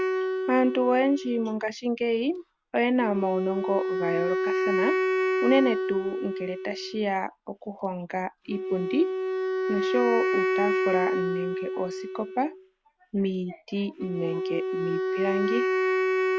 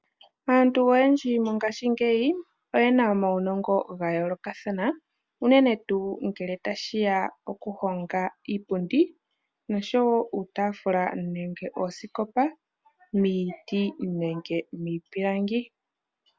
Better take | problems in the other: second | background sound (Wind instrument, woodwind instrument); as loud as the speech

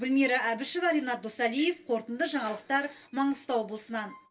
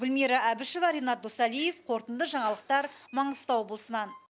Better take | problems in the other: second | room echo; dies away in 0.1 s

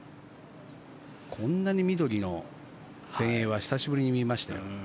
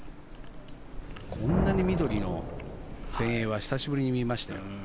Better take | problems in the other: first | background sound (Chewing, mastication + Thunder); 4 dB below the speech

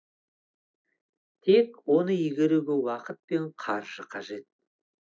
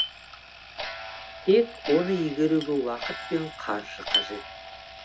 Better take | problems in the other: first | background sound (Chink, clink + Clock); 7 dB below the speech

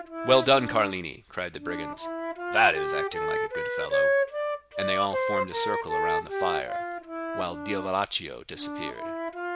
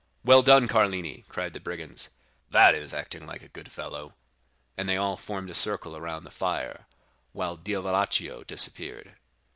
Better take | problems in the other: second | background sound (Wind instrument, woodwind instrument); 1 dB below the speech

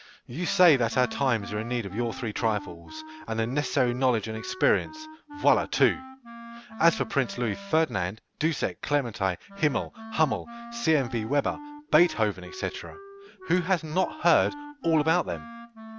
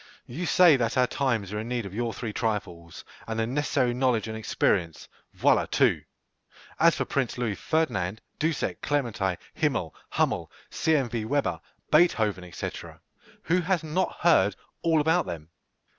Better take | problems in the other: second | background sound (Wind instrument, woodwind instrument); 15 dB below the speech

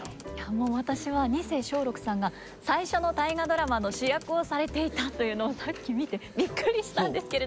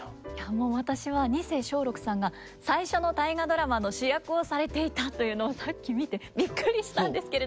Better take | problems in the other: second | background sound (Computer keyboard); 18 dB below the speech

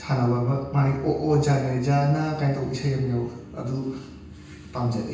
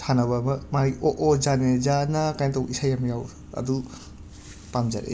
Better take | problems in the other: second | room echo; dies away in 0.9 s

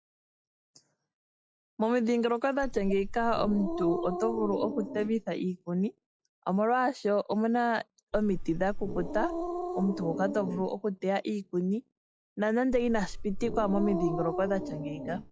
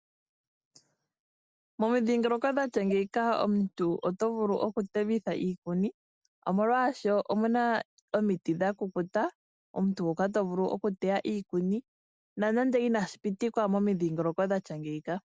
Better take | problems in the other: second | noise reduction (classical method log-MMSE)

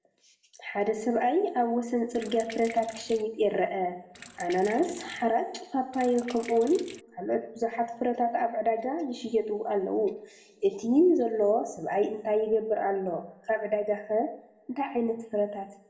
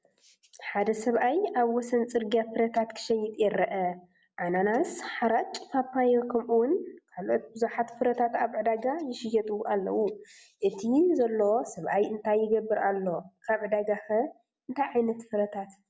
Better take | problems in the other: second | background sound (Sink (filling or washing)); 17 dB below the speech // room echo; dies away in 1 s

